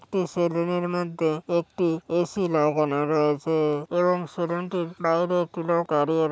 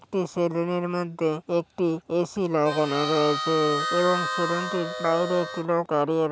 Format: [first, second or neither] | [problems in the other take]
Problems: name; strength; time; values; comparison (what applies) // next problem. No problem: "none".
first | background sound (Harmonica); 5 dB below the speech